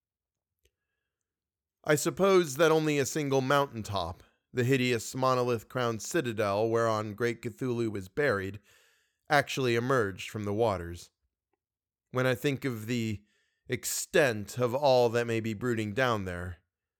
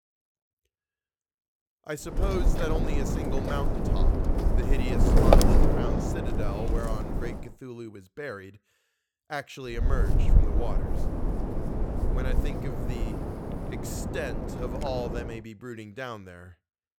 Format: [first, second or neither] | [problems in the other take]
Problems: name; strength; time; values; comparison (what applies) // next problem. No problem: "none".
first | wind noise on the microphone; heavy; from 2 to 7.5 s and from 10 to 15 s; 3 dB above the speech